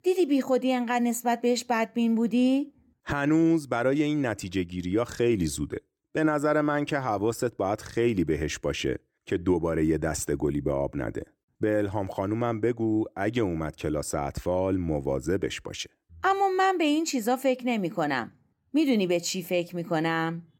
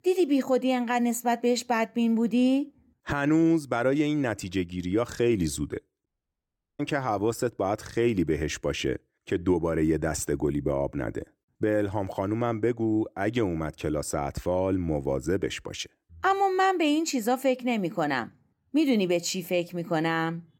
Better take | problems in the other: first | audio cutting out; at 6 s for 0.5 s

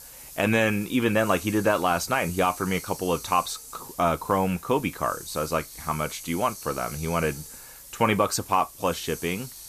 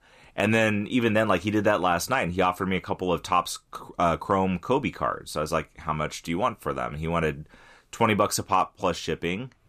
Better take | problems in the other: second | hiss; noticeable; throughout; 15 dB below the speech

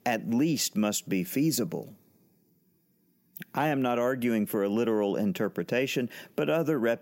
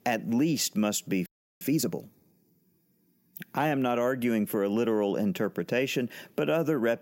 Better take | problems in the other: first | audio freezing; at 1.5 s

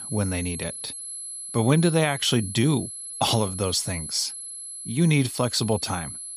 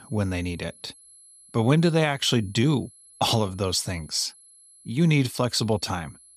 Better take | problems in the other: second | high-pitched whine; loud; throughout; 11 kHz, 9 dB below the speech; faint in the second

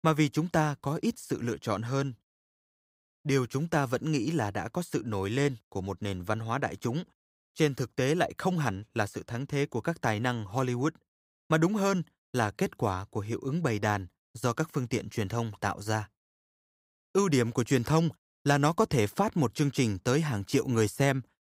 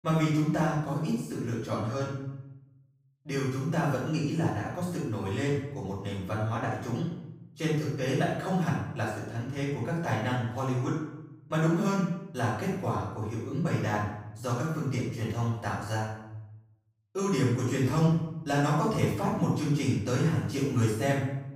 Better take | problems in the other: first | off-mic speech; far // room echo; noticeable; dies away in 0.8 s

